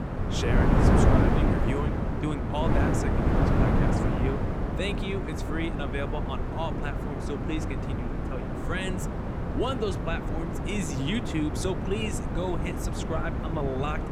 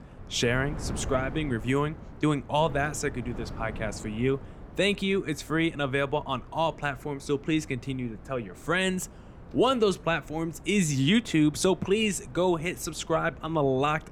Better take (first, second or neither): second